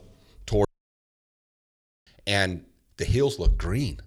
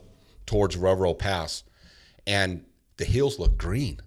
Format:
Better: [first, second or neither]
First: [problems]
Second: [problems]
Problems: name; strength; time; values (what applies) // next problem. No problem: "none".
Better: second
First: audio cutting out; at 0.5 s for 1.5 s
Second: none